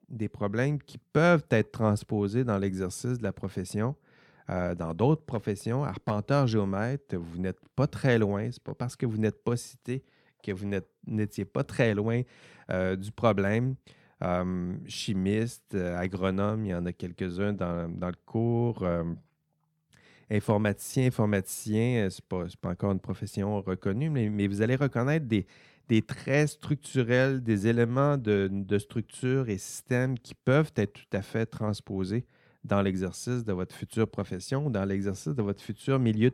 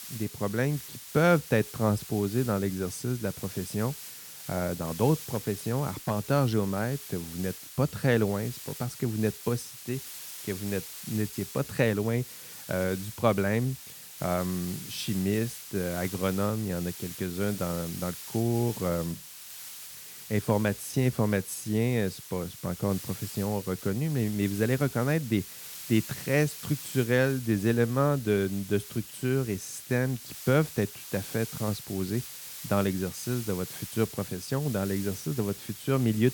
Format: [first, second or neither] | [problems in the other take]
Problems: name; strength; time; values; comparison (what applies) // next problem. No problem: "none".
first | hiss; noticeable; throughout; 10 dB below the speech